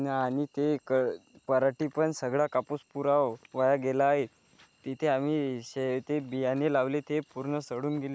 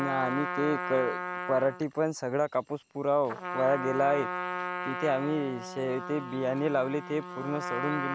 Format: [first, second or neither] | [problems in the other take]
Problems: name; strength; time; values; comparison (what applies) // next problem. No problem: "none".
first | background sound (Trumpet); 6 dB below the speech